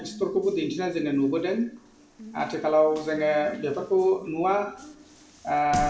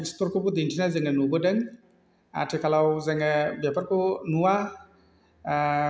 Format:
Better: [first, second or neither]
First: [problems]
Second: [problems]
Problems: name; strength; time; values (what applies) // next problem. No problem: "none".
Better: second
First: background sound (Water tap, faucet); 16 dB below the speech // room echo; dies away in 0.3 s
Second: none